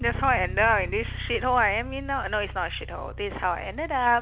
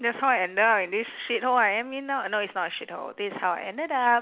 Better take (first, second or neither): second